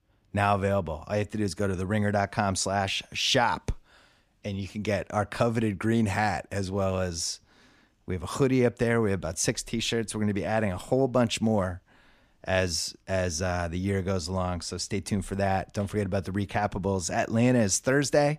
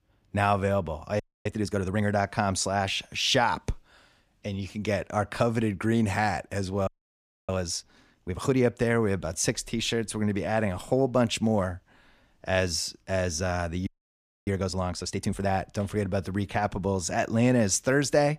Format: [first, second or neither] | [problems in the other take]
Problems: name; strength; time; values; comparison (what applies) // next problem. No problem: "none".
first | audio freezing; at 1 s, at 7 s for 0.5 s and at 14 s for 0.5 s